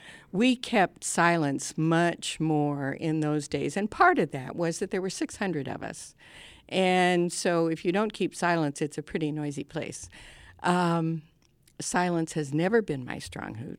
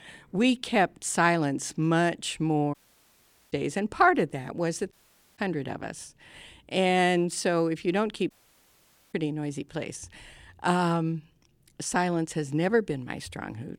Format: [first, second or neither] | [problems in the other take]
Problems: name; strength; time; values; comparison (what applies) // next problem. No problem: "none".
first | audio cutting out; at 2.5 s for 1 s, at 5 s and at 8.5 s for 1 s